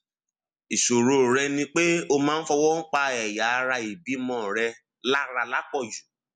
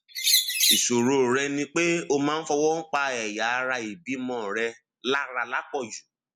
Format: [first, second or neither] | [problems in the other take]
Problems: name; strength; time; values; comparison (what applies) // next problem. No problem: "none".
first | background sound (Bird); 3 dB above the speech